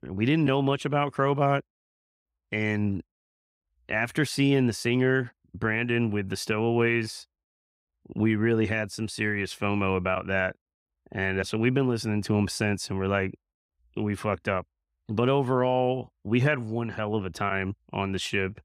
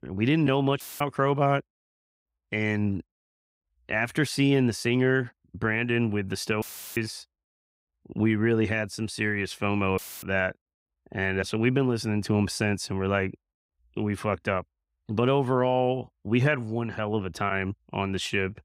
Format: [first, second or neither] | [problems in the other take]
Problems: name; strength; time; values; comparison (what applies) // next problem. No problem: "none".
first | audio cutting out; filled with static; at 1 s, at 6.5 s and at 10 s